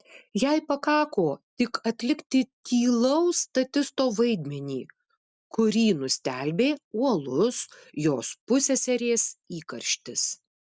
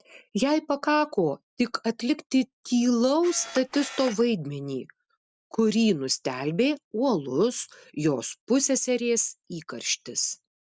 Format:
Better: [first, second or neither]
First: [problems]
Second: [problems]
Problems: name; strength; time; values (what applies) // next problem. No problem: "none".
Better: first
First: none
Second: background sound (Camera); 13 dB below the speech